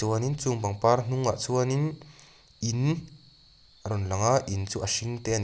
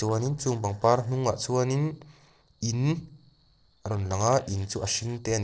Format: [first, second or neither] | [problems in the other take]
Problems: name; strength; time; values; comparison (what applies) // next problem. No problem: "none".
first | noise reduction (neural separator model SepFormer DNS4)